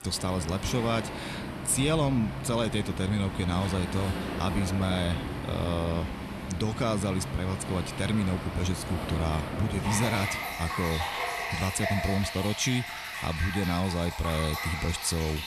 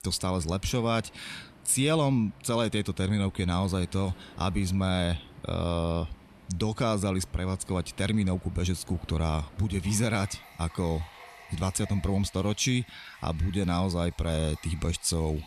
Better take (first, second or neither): second